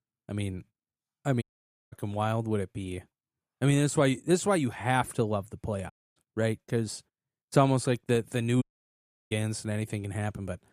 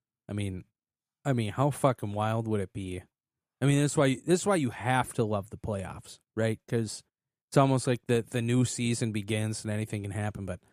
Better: second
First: audio cutting out; at 1.5 s for 0.5 s, at 6 s and at 8.5 s for 0.5 s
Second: none

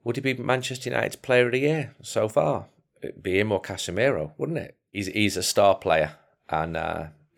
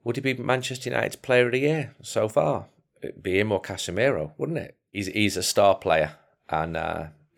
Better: neither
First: none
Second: none

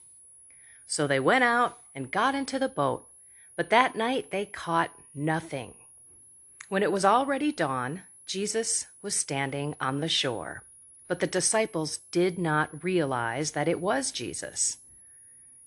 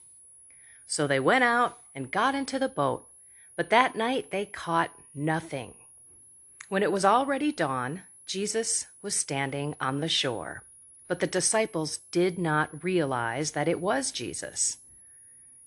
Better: neither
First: high-pitched whine; faint; throughout; 10.5 kHz, 25 dB below the speech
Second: high-pitched whine; faint; throughout; 10.5 kHz, 25 dB below the speech

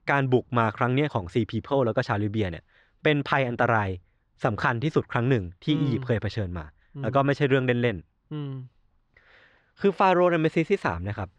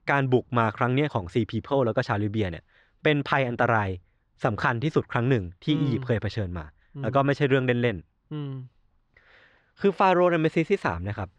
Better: neither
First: muffled; slightly; fading above 4 kHz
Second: muffled; slightly; fading above 4 kHz

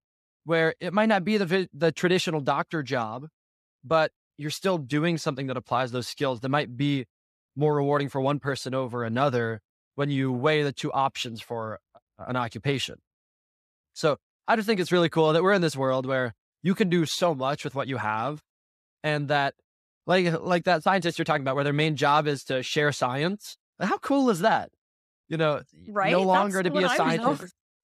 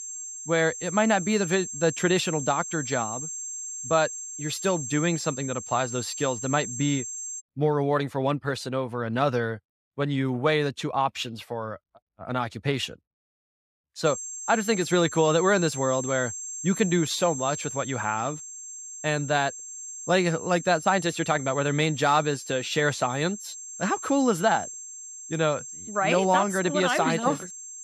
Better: first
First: none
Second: high-pitched whine; loud; until 7.5 s and from 14 s on; 7.5 kHz, 9 dB below the speech

